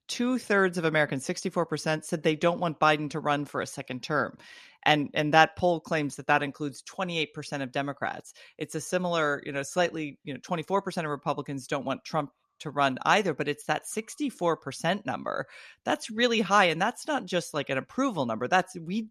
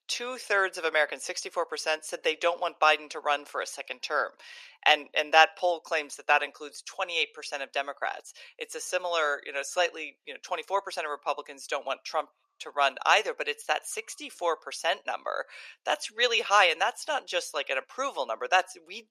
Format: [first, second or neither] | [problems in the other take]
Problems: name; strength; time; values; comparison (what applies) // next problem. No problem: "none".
first | thin; very; fading below 450 Hz